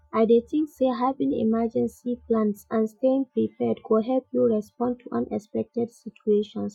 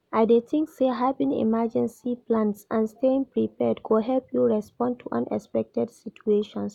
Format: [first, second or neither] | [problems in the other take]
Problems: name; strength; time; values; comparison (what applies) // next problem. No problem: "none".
second | noise reduction (classical method Wiener filter)